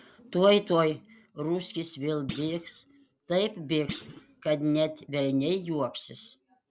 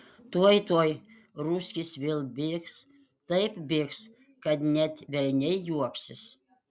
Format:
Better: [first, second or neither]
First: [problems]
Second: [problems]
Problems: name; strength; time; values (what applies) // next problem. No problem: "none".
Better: second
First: background sound (Thump, thud); 16 dB below the speech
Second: none